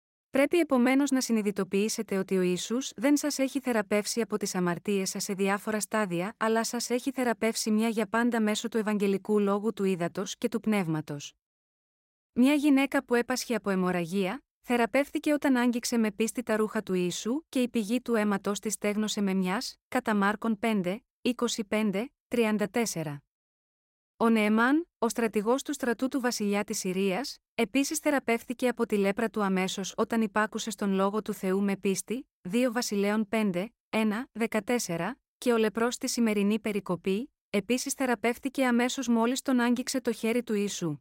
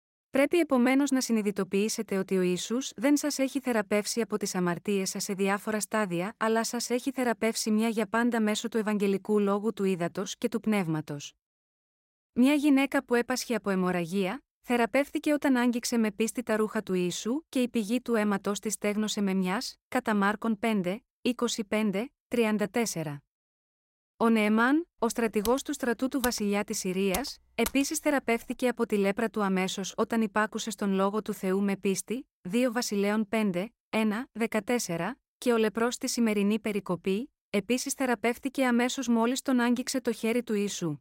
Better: first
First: none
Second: keyboard typing; noticeable; from 25 to 28 s; peak 9 dB below the speech

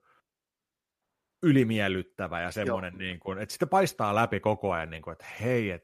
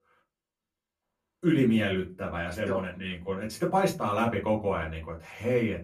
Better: first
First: none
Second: off-mic speech; far // room echo; very slight; dies away in 0.2 s

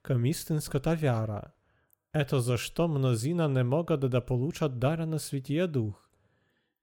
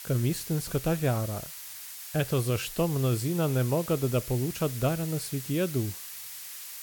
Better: first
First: none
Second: hiss; loud; throughout; 9 dB below the speech

